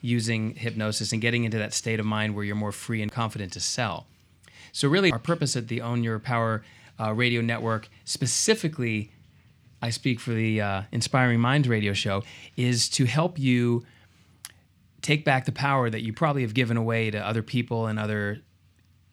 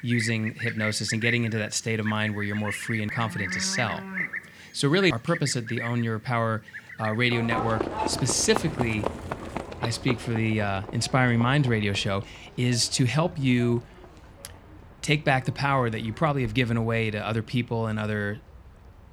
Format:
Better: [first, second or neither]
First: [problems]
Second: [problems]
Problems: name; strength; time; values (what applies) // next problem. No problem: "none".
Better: first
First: none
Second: animal sounds; loud; throughout; 8 dB below the speech